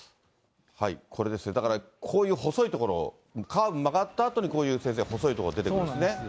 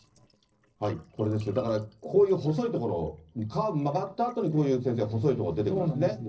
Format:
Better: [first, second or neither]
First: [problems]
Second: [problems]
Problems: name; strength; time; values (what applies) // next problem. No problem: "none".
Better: first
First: none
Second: noise reduction (neural separator model SepFormer DNS4)